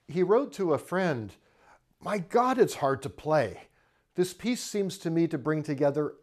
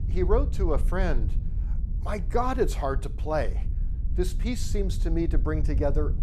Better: first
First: none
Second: wind noise on the microphone; occasional gusts; 15 dB below the speech

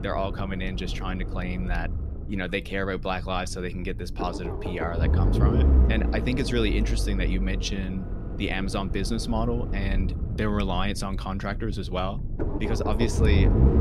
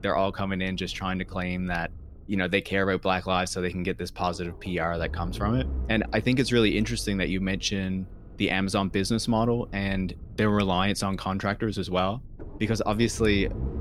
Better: second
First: low rumble; loud; throughout; 6 dB below the speech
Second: low rumble; faint; throughout; 20 dB below the speech

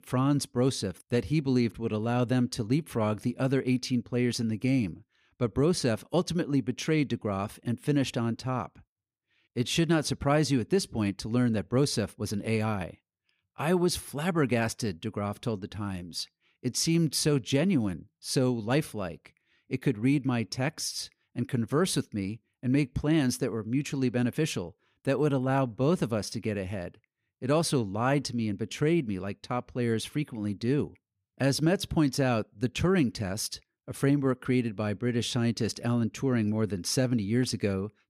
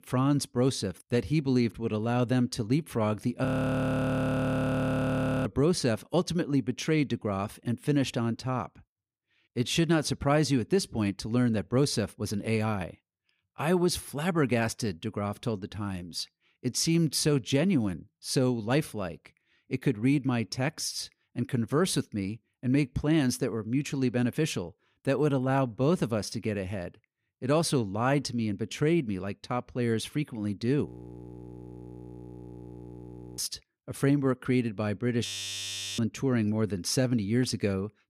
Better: first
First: none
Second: audio freezing; at 3.5 s for 2 s, at 31 s for 2.5 s and at 35 s for 0.5 s

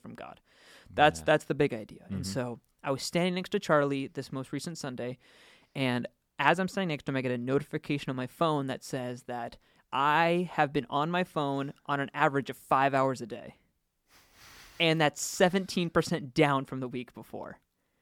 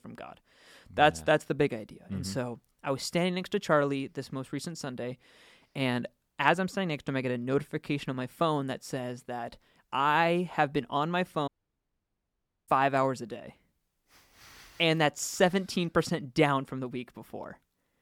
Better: first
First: none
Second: audio cutting out; at 11 s for 1 s

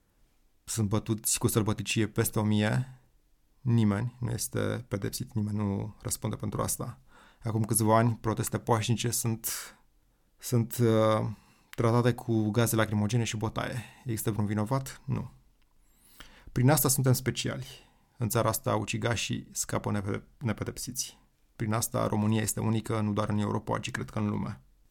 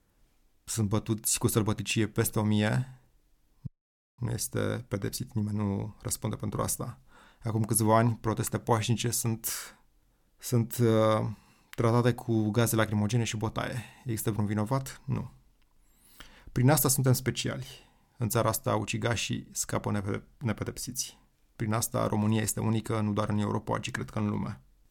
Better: first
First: none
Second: audio cutting out; at 3.5 s for 0.5 s

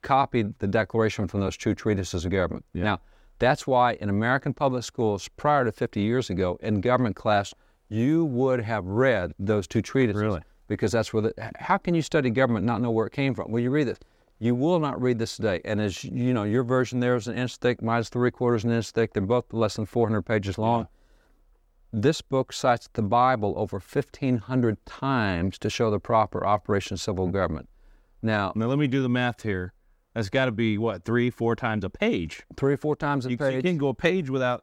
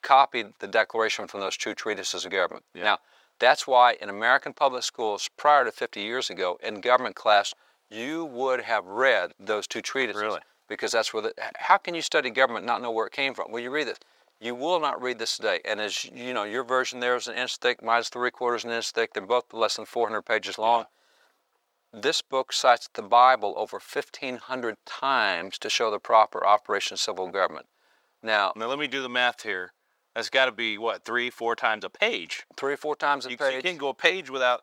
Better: first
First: none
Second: thin; very; fading below 750 Hz

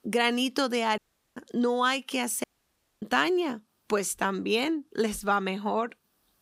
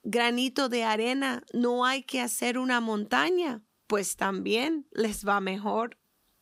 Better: second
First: audio cutting out; at 1 s and at 2.5 s for 0.5 s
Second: none

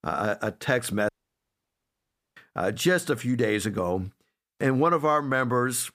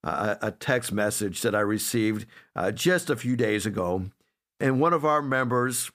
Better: second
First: audio cutting out; at 1 s for 1.5 s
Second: none

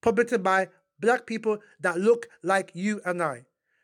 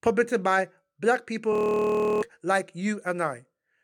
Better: first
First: none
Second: audio freezing; at 1.5 s for 0.5 s

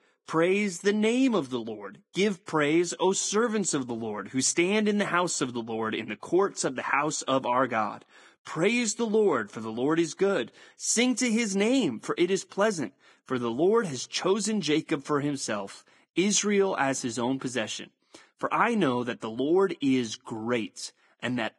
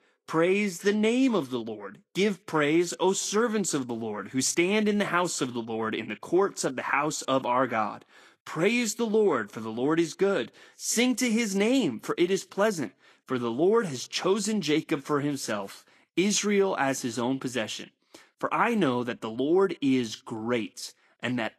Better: second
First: garbled, watery; badly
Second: garbled, watery; slightly; nothing above 13 kHz

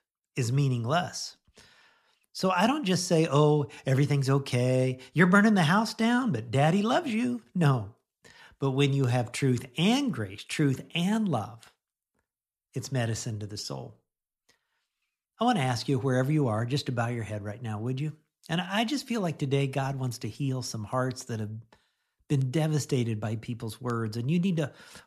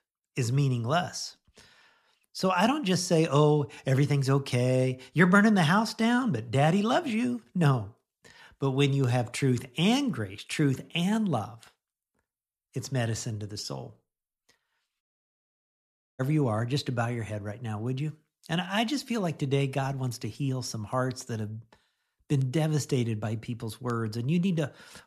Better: first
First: none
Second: audio cutting out; at 15 s for 1 s

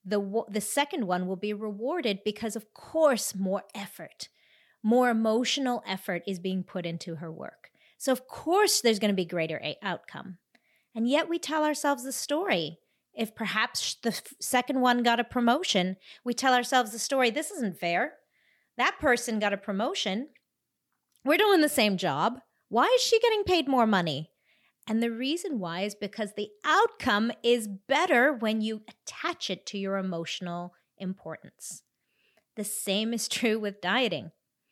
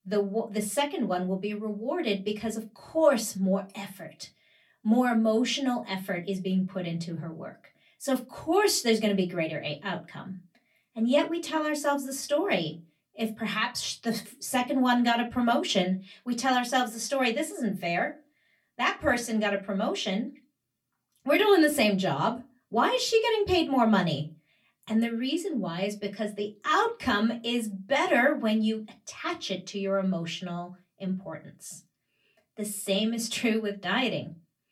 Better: first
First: none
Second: off-mic speech; far // room echo; very slight; dies away in 0.2 s

